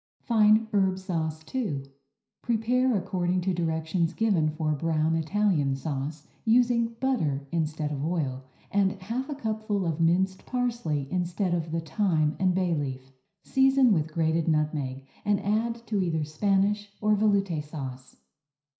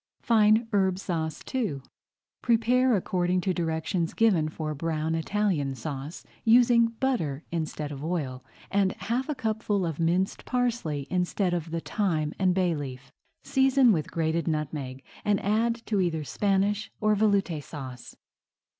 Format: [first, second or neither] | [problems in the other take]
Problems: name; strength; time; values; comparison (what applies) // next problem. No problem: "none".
second | room echo; dies away in 0.5 s